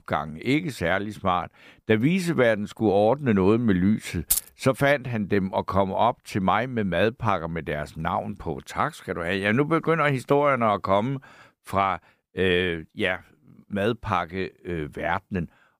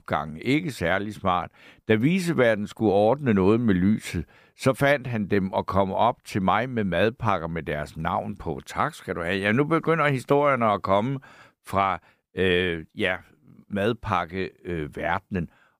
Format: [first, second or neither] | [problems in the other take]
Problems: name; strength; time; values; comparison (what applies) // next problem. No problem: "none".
second | jangling keys; loud; at 4.5 s; peak level with the speech